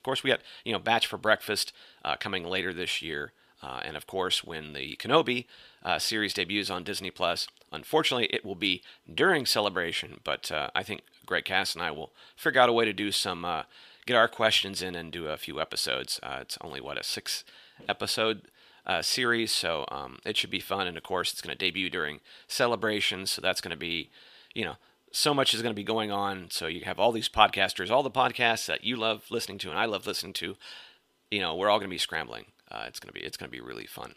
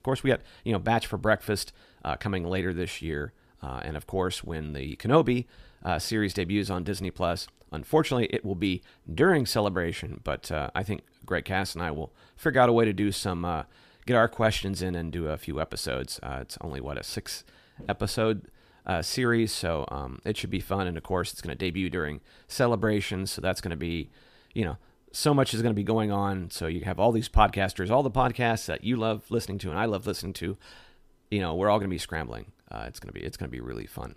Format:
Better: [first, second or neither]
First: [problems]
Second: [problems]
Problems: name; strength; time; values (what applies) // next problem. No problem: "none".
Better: second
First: thin; somewhat; fading below 600 Hz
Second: none